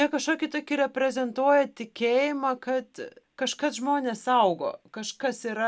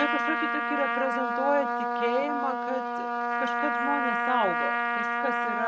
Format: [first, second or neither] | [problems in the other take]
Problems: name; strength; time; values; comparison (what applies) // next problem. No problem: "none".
first | noise reduction (neural mask model RNNoise)